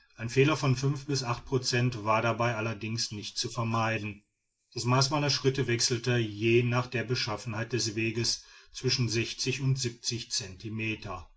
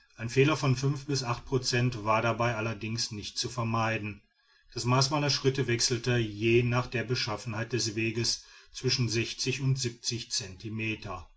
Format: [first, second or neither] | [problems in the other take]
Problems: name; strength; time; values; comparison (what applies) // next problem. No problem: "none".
second | noise reduction (neural mask model Resemble Enhance denoiser)